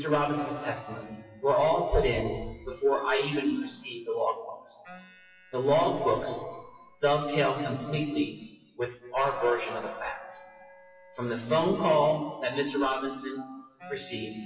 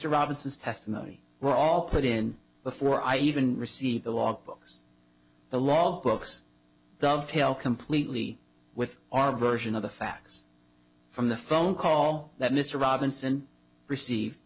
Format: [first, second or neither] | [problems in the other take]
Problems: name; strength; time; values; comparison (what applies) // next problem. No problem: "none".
second | noise reduction (classical method WPE with log-MMSE)